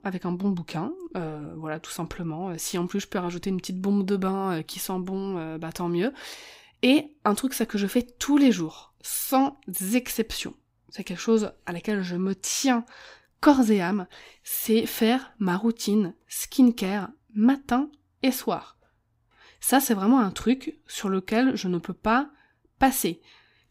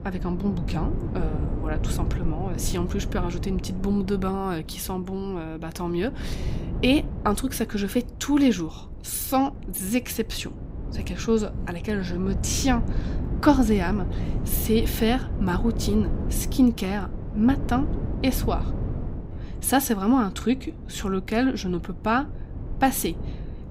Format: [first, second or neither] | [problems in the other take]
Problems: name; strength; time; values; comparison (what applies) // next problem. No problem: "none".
first | wind noise on the microphone; occasional gusts; 15 dB below the speech